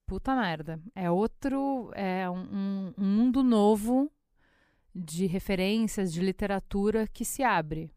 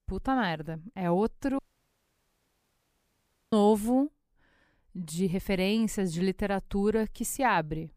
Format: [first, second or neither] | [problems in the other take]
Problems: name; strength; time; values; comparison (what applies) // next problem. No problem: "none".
first | audio cutting out; at 1.5 s for 2 s